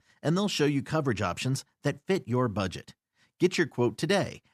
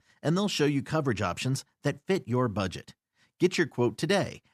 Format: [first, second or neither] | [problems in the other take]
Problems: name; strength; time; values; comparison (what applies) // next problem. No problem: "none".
neither | none